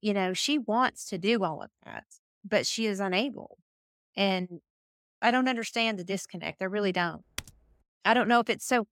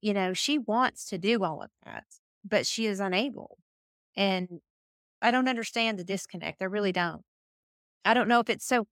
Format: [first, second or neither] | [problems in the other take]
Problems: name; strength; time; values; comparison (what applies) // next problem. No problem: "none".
second | keyboard typing; very faint; at 7.5 s; peak 15 dB below the speech